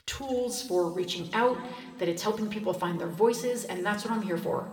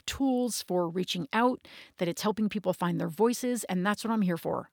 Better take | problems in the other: second | room echo; slight; dies away in 2.1 s

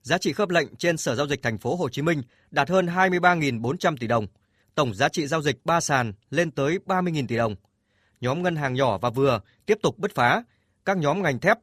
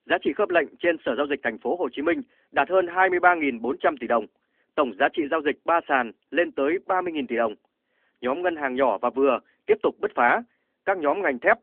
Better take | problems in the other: first | phone-call audio

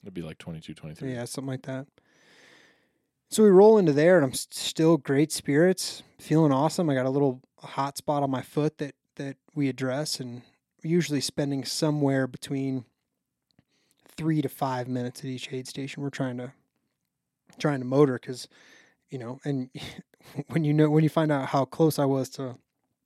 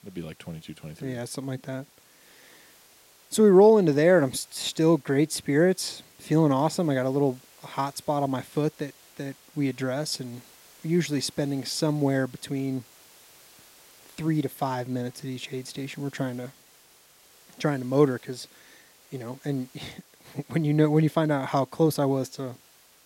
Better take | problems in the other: first | hiss; faint; throughout; 25 dB below the speech

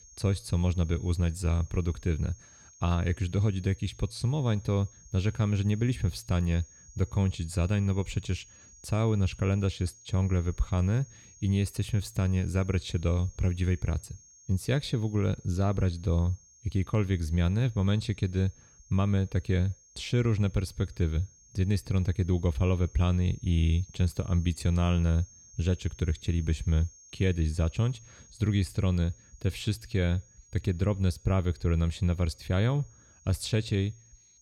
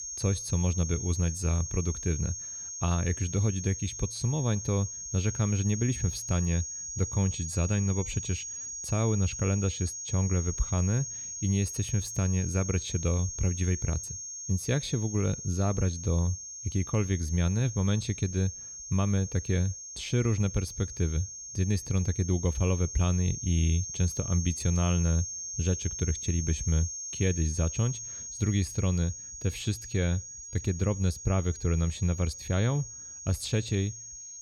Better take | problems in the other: first | high-pitched whine; loud; throughout; 6.5 kHz, 7 dB below the speech; faint in the first

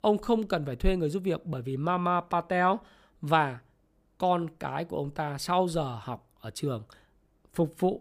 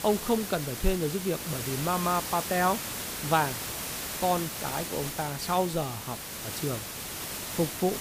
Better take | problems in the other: first | hiss; loud; throughout; 4 dB below the speech

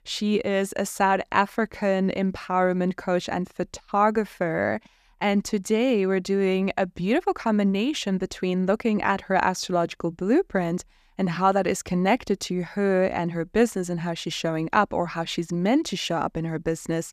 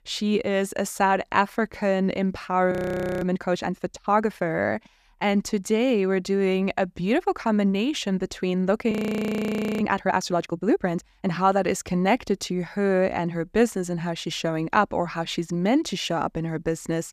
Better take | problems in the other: first | audio freezing; at 2.5 s and at 9 s for 1 s

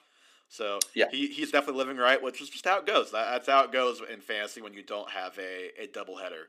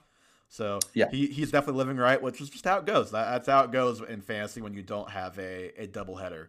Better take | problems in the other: second | thin; very slightly; fading below 300 Hz

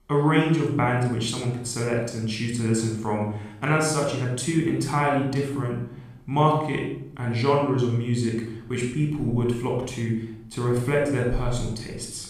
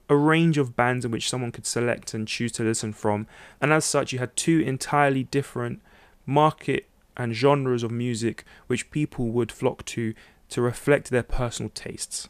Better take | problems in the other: second | off-mic speech; somewhat distant // room echo; noticeable; dies away in 0.7 s

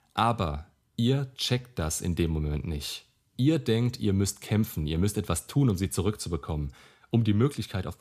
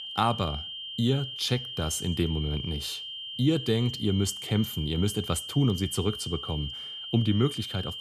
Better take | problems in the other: first | high-pitched whine; loud; throughout; 3 kHz, 7 dB below the speech

